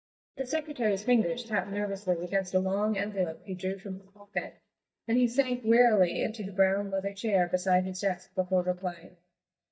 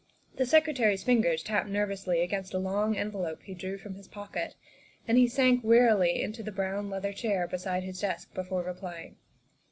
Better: second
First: noise reduction (neural mask model DeepFilterNet 3)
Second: none

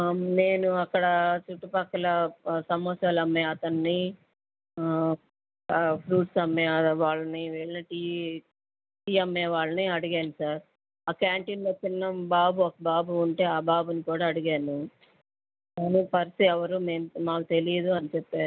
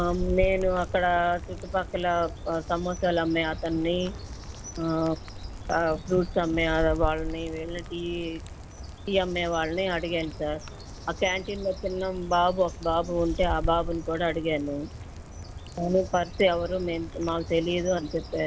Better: first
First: none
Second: background sound (Rain + Bird); 9 dB below the speech

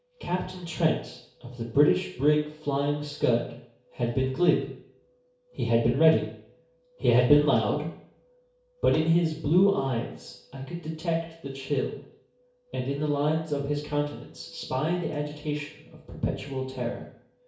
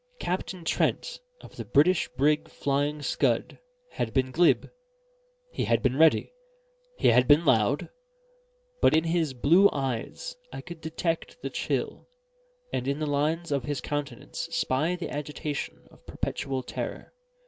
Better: second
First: room echo; dies away in 0.6 s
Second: none

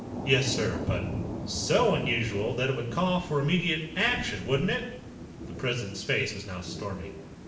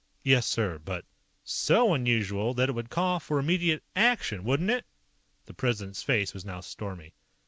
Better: second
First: background sound (Thunder / Rain); 8 dB below the speech // room echo; dies away in 0.7 s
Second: none

